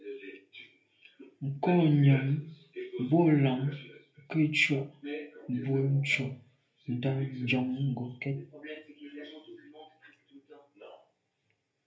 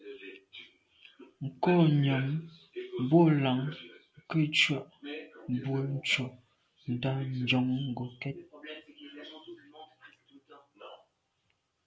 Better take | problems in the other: second | room echo; dies away in 0.3 s

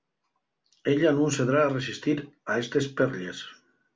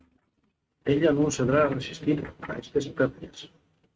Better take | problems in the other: first | noise reduction (neural mask model RNNoise)

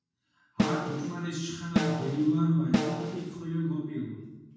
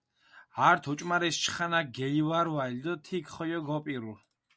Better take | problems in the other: second | background sound (Snare drum); as loud as the speech // room echo; dies away in 1.2 s

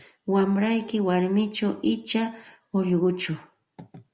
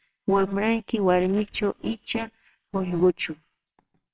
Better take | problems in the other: first | noise reduction (neural separator model SepFormer WHAMR!)

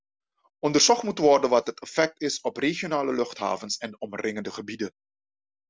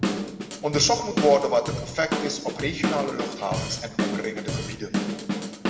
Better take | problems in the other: first | background sound (Drum / Drum kit); 2 dB below the speech // room echo; dies away in 1.4 s

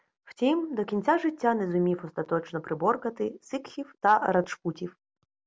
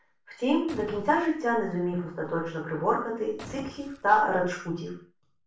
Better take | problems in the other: first | background sound (Boom); 18 dB below the speech // room echo; dies away in 0.3 s

